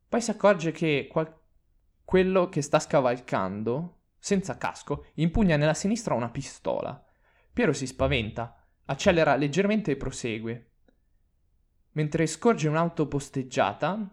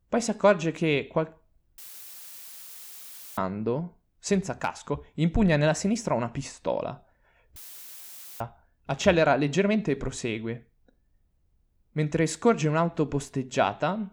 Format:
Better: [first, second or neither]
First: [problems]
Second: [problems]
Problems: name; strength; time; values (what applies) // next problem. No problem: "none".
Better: first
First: none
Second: audio cutting out; filled with static; at 2 s for 1.5 s and at 7.5 s for 1 s